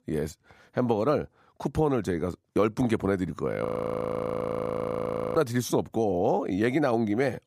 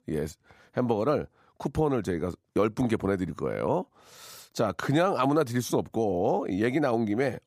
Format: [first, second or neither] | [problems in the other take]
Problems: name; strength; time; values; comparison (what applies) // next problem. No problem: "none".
second | audio freezing; at 3.5 s for 1.5 s